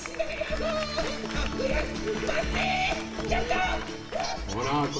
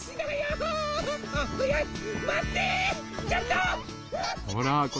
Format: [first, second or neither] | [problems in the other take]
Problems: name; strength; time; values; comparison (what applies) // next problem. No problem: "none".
second | background sound (Applause); 12 dB below the speech // room echo; dies away in 0.9 s